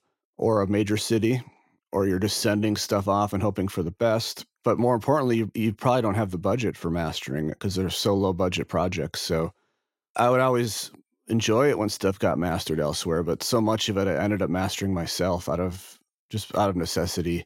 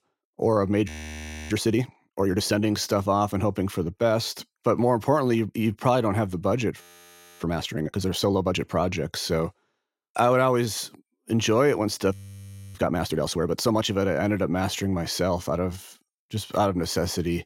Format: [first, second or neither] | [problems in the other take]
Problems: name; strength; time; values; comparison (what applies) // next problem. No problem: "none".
first | audio freezing; at 1 s for 0.5 s, at 7 s for 0.5 s and at 12 s for 0.5 s